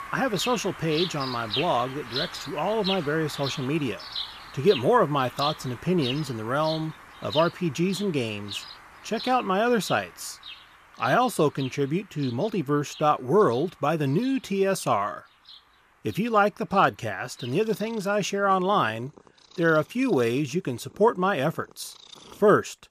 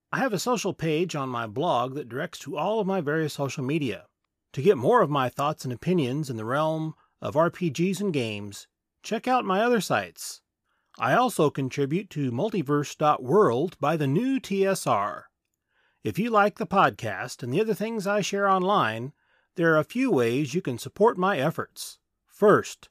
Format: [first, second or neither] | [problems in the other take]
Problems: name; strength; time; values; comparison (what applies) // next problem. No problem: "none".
second | animal sounds; noticeable; throughout; 10 dB below the speech